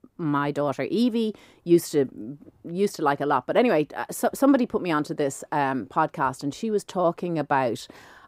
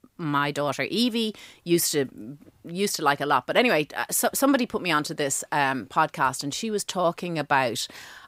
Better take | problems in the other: second | muffled; slightly; fading above 1.5 kHz

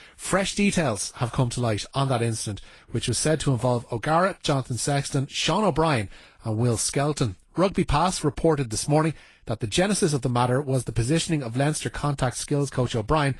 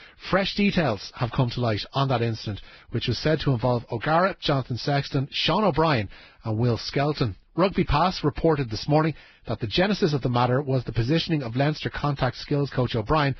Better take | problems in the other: first | garbled, watery; badly; nothing above 5.5 kHz; slightly in the first

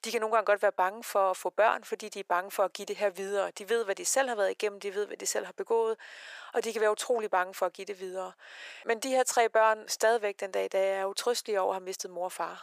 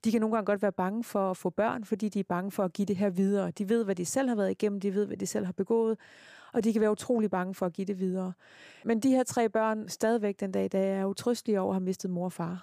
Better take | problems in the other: second | thin; very; fading below 550 Hz

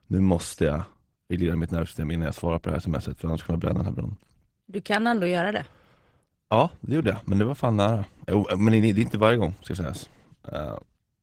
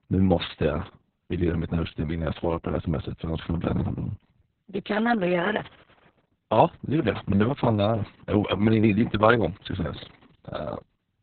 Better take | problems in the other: first | garbled, watery; badly; nothing above 4 kHz; slightly in the first

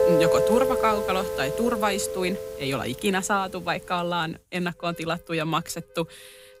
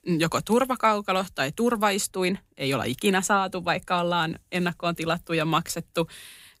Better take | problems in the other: second | background music; very loud; throughout; as loud as the speech

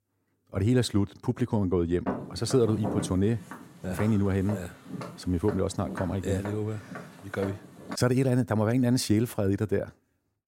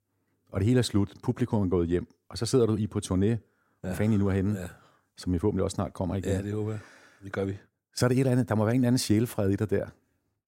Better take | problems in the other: second | footsteps; noticeable; from 2 to 8 s; peak 5 dB below the speech

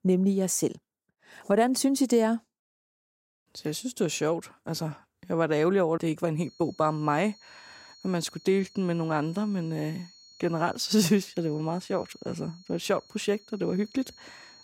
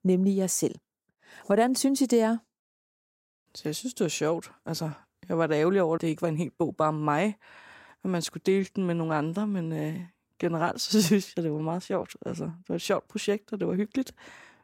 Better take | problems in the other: second | high-pitched whine; faint; from 6.5 s on; 4.5 kHz, 25 dB below the speech

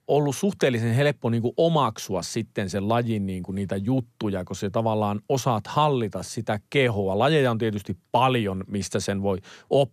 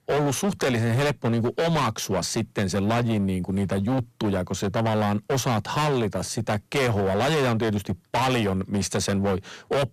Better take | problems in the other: first | distortion; heavy; 25% of the sound clipped

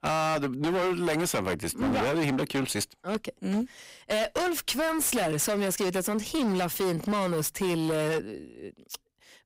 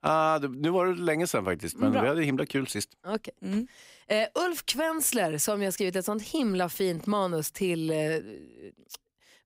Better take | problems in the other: second | distortion; heavy; 24% of the sound clipped

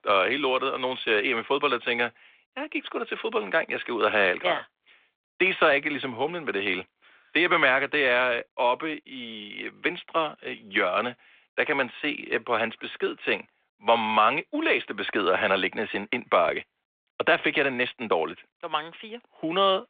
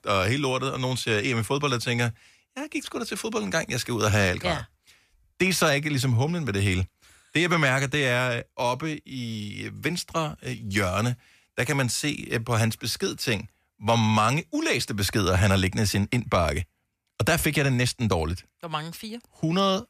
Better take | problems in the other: second | phone-call audio; nothing above 3.5 kHz

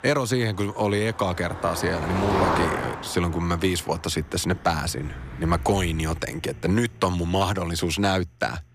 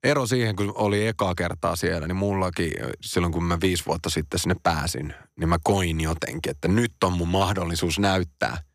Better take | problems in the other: second | traffic noise; loud; throughout; 5 dB below the speech

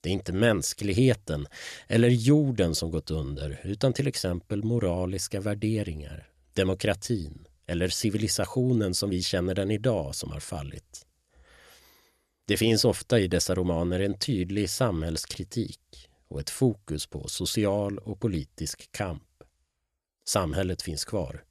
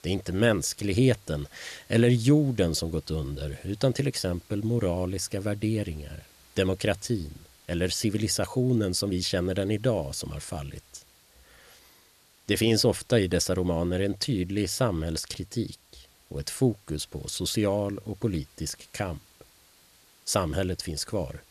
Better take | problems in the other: first | hiss; faint; throughout; 30 dB below the speech

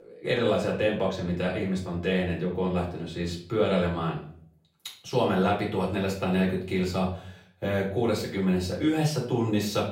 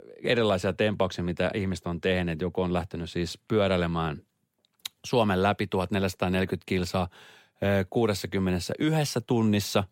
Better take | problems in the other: second | off-mic speech; far // room echo; slight; dies away in 0.4 s

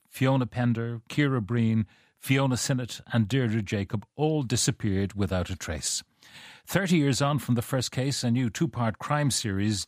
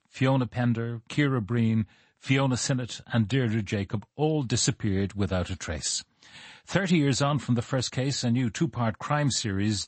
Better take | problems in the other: first | garbled, watery; slightly; nothing above 8 kHz

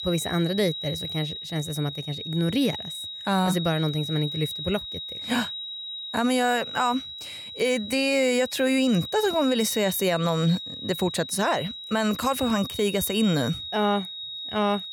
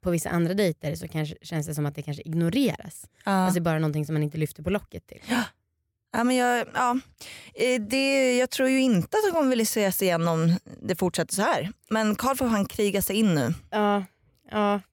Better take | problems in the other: second | high-pitched whine; loud; throughout; 4 kHz, 8 dB below the speech

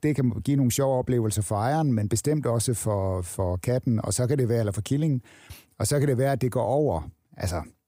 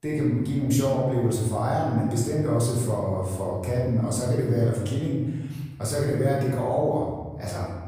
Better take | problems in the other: first | room echo; noticeable; dies away in 1.2 s // off-mic speech; far

